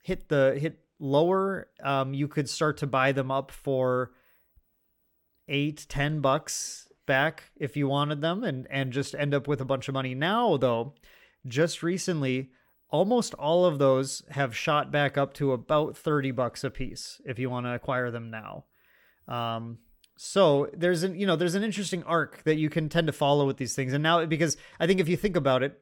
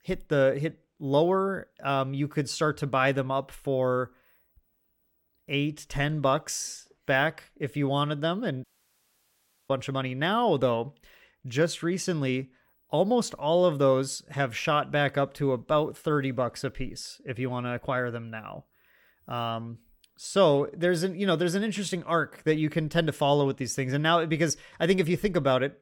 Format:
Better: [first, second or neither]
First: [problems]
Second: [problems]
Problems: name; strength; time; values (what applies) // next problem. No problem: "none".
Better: first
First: none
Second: audio cutting out; at 8.5 s for 1 s